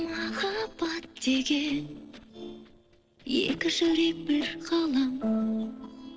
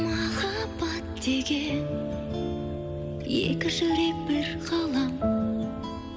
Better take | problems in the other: second | noise reduction (neural separator model SepFormer DNS4)

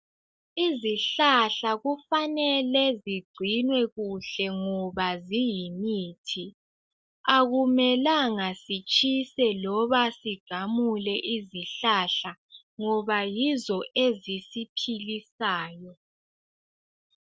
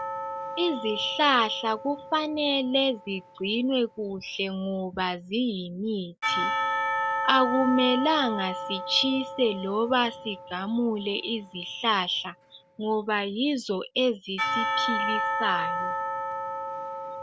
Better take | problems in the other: first | background sound (Church bell / Percussion); 5 dB below the speech

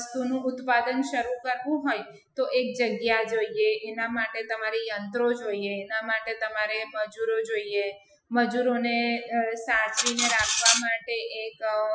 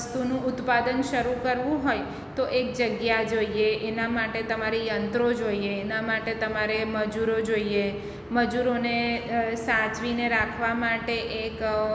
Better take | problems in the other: second | noise reduction (classical method Wiener filter)

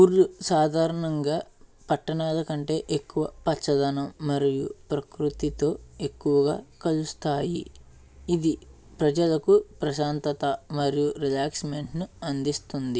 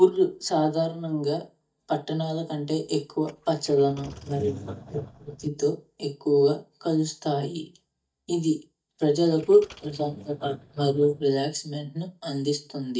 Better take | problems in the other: first | noise reduction (neural mask model DeepFilterNet 3)

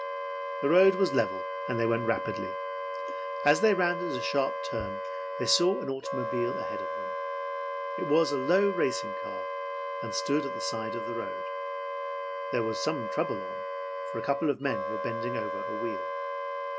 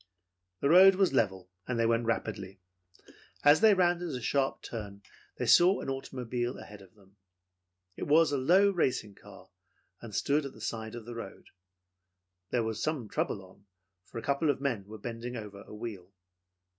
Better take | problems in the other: second | background sound (Wind instrument, woodwind instrument); 3 dB below the speech

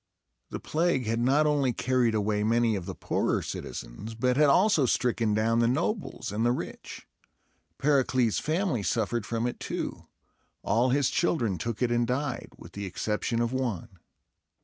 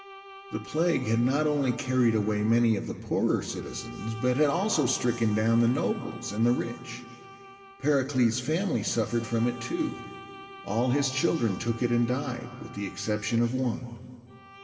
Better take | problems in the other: first | background sound (Bowed string instrument); 19 dB below the speech // room echo; dies away in 2.2 s

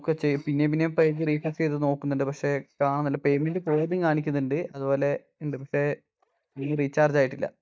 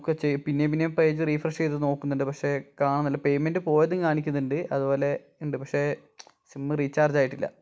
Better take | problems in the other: second | noise reduction (neural mask model DeepFilterNet 3)

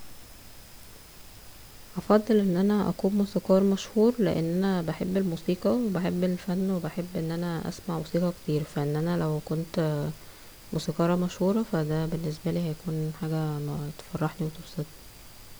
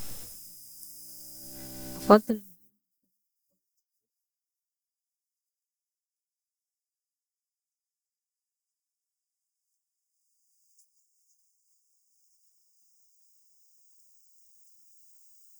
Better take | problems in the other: first | noise reduction (neural mask model DeepFilterNet 3)

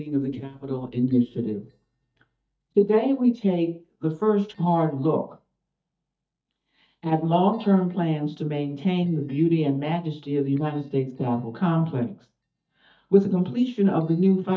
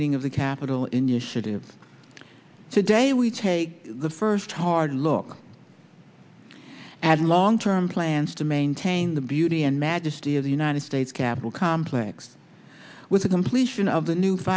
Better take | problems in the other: second | noise reduction (neural mask model DeepFilterNet 3)

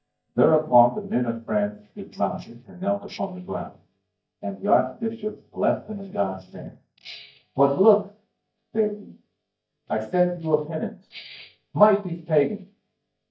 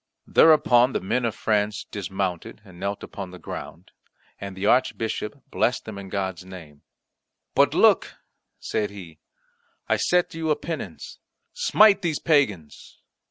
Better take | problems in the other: second | noise reduction (neural mask model DeepFilterNet 3)

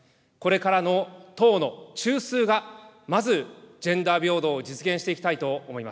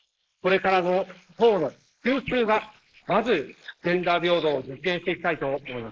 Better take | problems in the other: first | noise reduction (neural mask model Resemble Enhance denoiser)

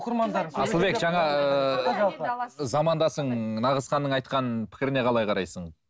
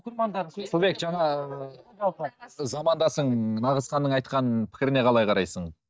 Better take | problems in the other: first | noise reduction (neural mask model DeepFilterNet 3)

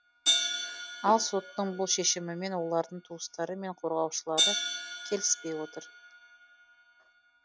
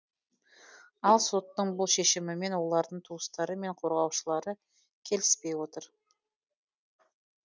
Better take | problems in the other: second | background sound (Hi-hat); 3 dB below the speech

